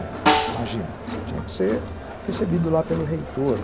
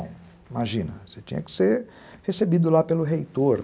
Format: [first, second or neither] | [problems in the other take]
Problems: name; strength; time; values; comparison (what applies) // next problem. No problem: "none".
second | background sound (Snare drum + Crowd); 1 dB below the speech